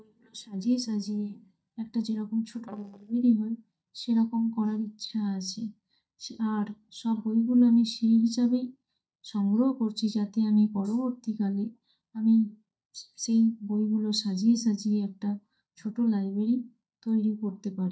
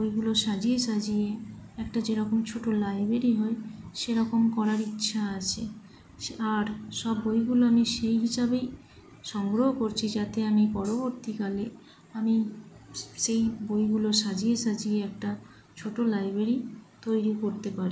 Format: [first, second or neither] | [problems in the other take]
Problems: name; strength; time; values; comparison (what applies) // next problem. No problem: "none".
second | noise reduction (neural mask model DeepFilterNet 3)